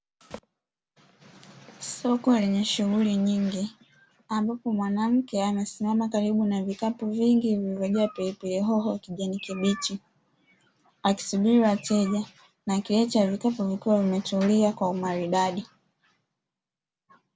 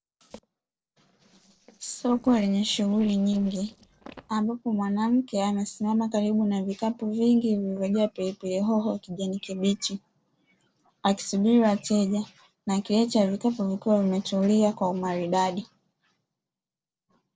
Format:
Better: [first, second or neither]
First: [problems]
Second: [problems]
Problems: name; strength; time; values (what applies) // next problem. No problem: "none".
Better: first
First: none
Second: noise reduction (neural separator model SepFormer DNS4)